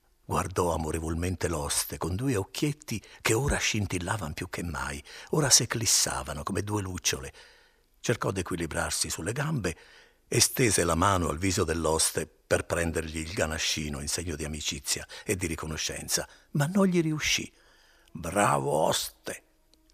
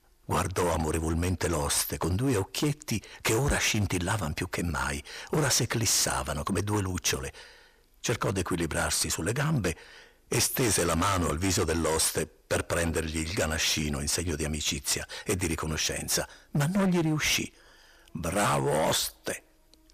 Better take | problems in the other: first | distortion; heavy; 12% of the sound clipped

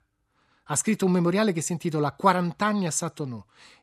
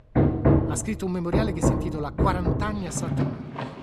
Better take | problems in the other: first | machinery noise; very loud; throughout; 4 dB above the speech

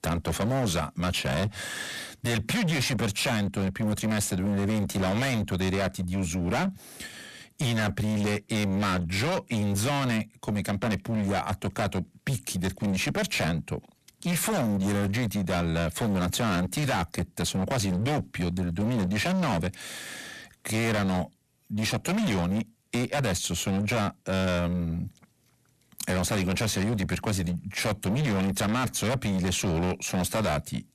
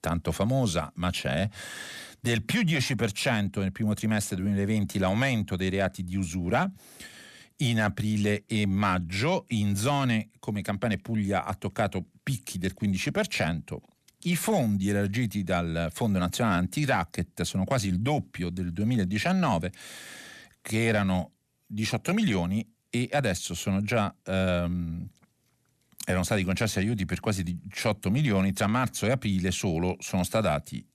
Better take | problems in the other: second | distortion; heavy; 29% of the sound clipped

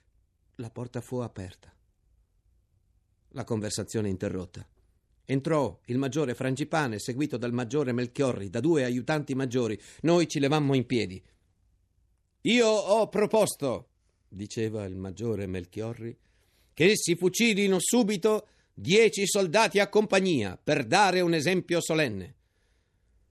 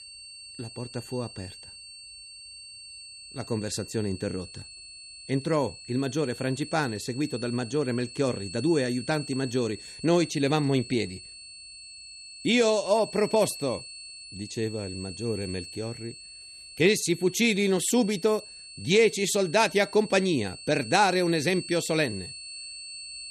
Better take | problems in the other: first | high-pitched whine; noticeable; throughout; 4.5 kHz, 15 dB below the speech

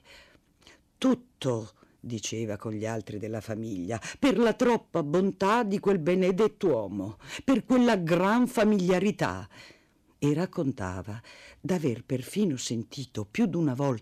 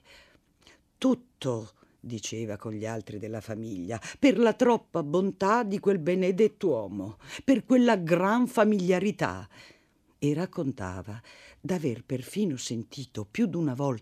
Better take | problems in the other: second | distortion; slight; 5% of the sound clipped

